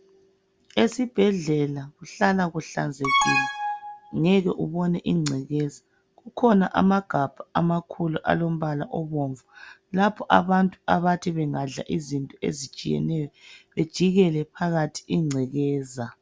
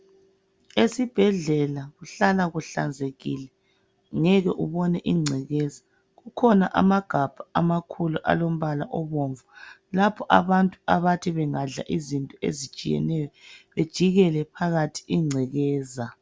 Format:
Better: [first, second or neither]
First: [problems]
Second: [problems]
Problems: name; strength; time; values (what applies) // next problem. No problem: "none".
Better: second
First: background sound (Alarm); as loud as the speech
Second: none